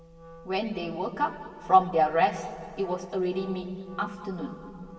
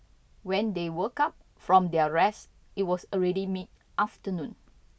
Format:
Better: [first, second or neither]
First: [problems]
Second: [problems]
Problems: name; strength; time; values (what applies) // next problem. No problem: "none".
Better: second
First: background sound (Wind instrument, woodwind instrument); 20 dB below the speech // room echo; dies away in 2.3 s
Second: none